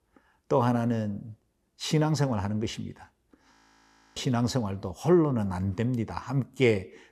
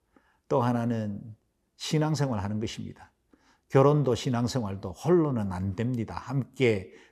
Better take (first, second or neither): second